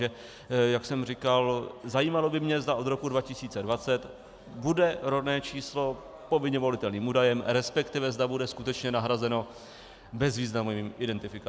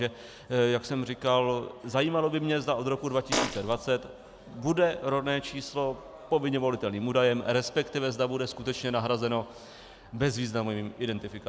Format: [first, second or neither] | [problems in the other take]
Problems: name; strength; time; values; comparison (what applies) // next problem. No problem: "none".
first | background sound (Fart); 1 dB below the speech